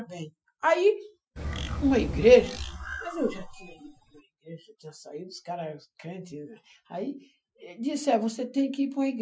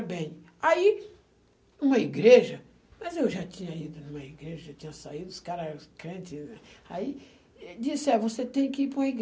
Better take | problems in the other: second | noise reduction (classical method Wiener filter)

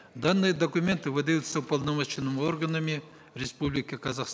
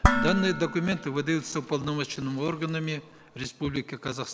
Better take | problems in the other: first | background sound (Dishes, pots, and pans); 1 dB below the speech

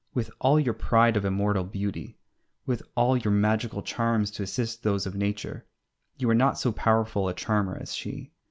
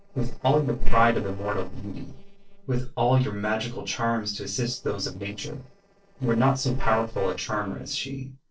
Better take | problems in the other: first | noise reduction (neural separator model SepFormer DNS4)

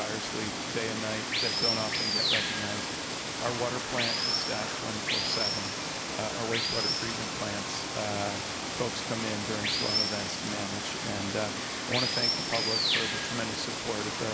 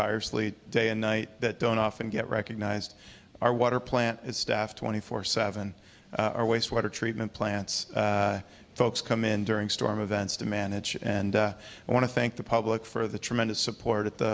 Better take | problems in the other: second | background sound (Water); 4 dB above the speech

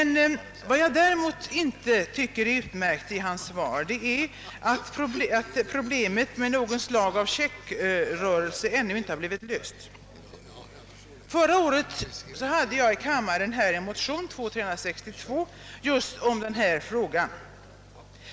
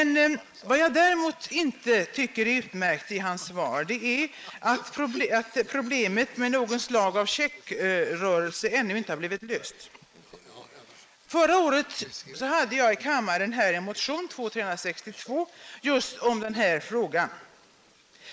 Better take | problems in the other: first | noise reduction (neural mask model Resemble Enhance denoiser)

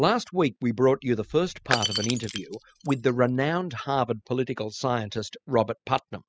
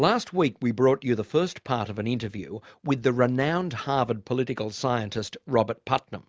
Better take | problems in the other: second | noise reduction (classical method spectral subtraction)

